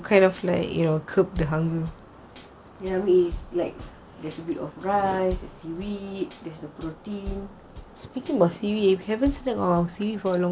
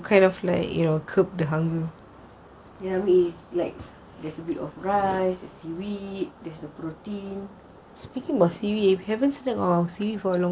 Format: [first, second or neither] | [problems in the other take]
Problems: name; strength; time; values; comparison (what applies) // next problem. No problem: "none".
second | background sound (Bass drum / Snare drum / Drum kit); 16 dB below the speech